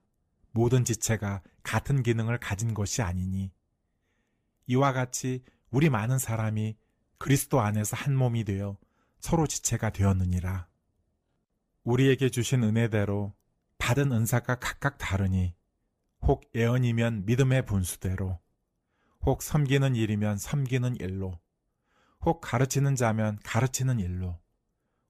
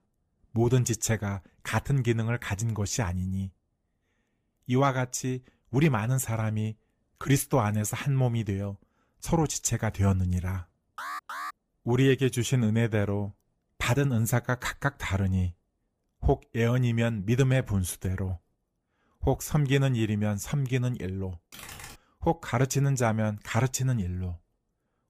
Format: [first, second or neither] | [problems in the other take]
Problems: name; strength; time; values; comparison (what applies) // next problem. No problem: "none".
first | alarm; noticeable; at 11 s; peak 8 dB below the speech // keyboard typing; faint; at 22 s; peak 15 dB below the speech